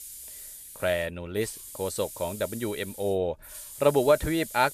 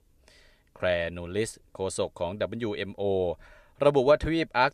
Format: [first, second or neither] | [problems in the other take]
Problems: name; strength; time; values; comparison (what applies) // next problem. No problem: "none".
second | hiss; noticeable; throughout; 15 dB below the speech